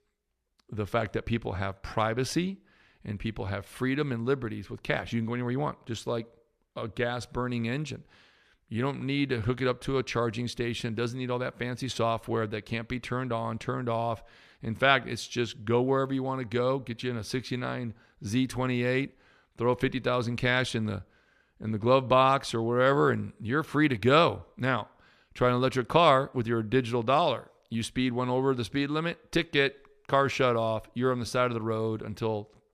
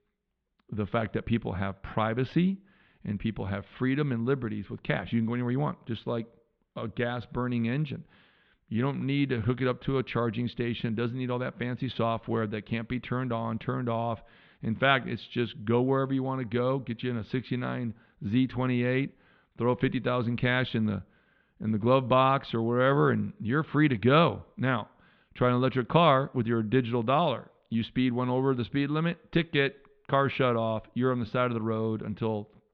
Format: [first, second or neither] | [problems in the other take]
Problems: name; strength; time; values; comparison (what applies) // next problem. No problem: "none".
first | muffled; slightly; fading above 3.5 kHz